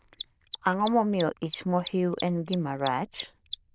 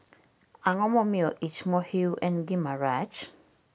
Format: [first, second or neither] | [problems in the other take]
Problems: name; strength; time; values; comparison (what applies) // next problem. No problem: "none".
second | noise reduction (neural diffusion model UNIVERSE++)